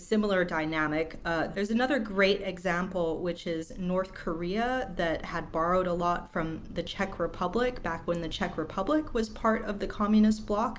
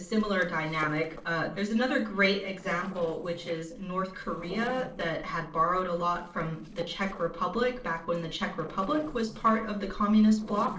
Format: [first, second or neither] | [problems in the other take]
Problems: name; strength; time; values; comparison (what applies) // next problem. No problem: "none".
first | noise reduction (neural separator model SepFormer DNS4)